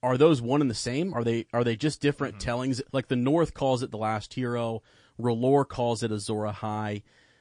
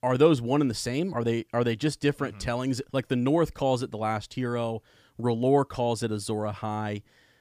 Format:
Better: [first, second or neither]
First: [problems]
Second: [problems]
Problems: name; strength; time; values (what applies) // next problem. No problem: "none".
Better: second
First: garbled, watery; slightly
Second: none